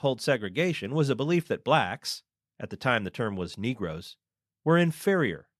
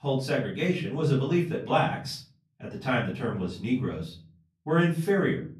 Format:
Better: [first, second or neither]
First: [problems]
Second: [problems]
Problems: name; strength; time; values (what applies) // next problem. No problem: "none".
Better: first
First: none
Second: off-mic speech; far // room echo; slight; dies away in 0.5 s